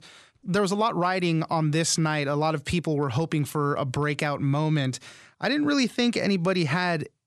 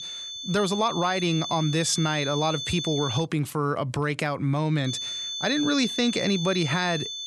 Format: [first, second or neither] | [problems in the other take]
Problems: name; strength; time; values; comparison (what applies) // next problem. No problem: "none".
first | high-pitched whine; loud; until 3 s and from 5 s on; 3.5 kHz, 5 dB below the speech